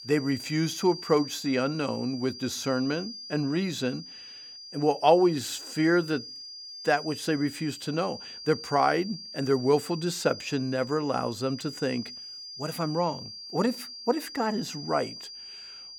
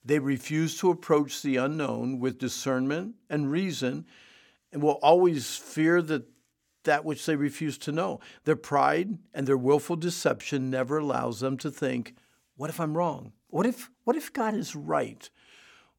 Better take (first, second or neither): second